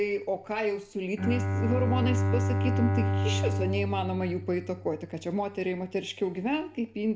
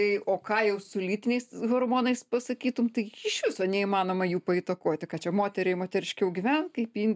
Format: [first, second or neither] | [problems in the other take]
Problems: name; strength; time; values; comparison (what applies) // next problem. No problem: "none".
second | background sound (Bowed string instrument); as loud as the speech // room echo; dies away in 0.4 s